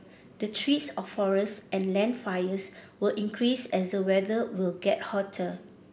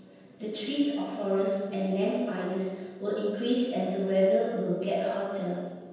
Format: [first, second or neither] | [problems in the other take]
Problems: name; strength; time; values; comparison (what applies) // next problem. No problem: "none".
first | room echo; dies away in 1.2 s